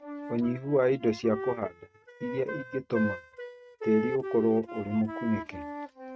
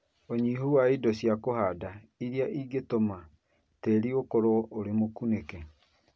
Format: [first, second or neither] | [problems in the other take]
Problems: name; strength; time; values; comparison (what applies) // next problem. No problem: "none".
second | noise reduction (neural mask model RNNoise)